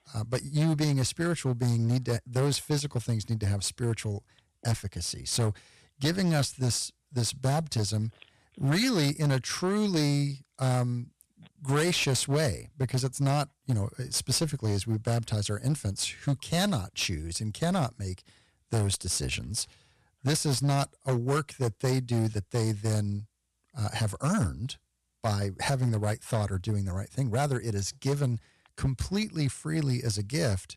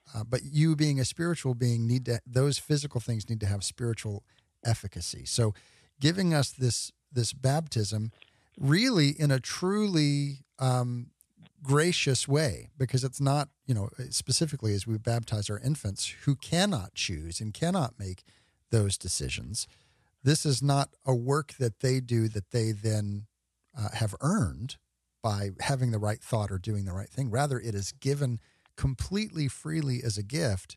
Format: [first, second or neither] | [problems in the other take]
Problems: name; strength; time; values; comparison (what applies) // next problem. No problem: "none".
second | distortion; slight; 12% of the sound clipped